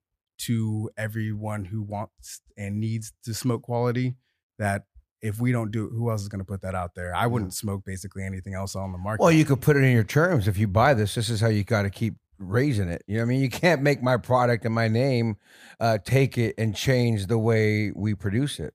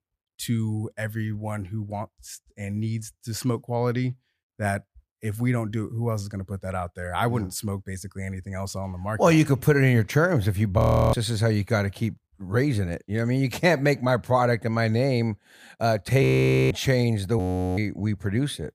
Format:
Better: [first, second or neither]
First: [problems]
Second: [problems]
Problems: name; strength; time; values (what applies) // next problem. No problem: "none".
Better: first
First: none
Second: audio freezing; at 11 s, at 16 s and at 17 s